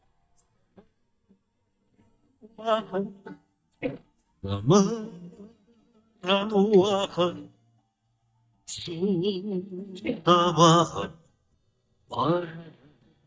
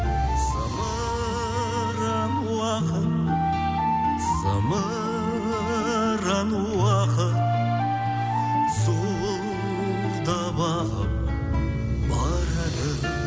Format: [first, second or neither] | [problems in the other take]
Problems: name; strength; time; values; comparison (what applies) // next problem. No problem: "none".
second | noise reduction (neural mask model DeepFilterNet 3)